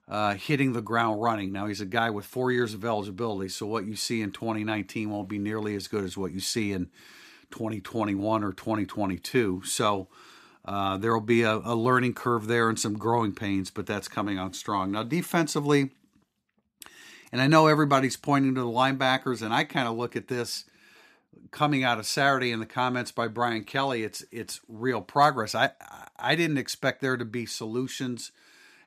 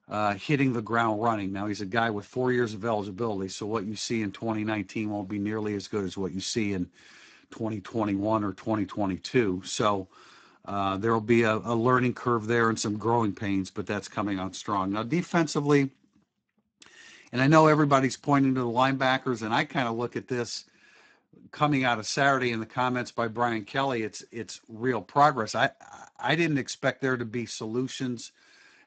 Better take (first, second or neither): first